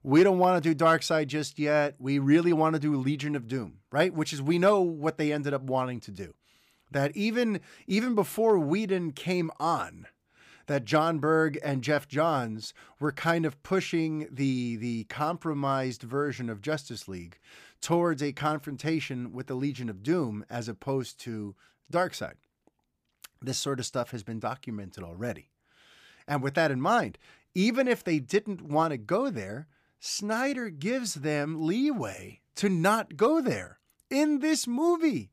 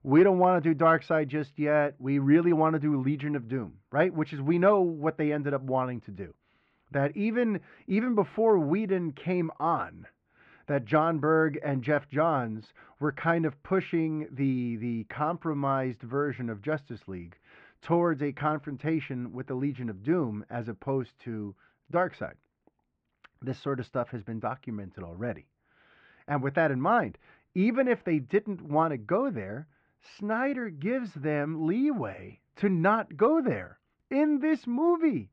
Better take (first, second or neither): first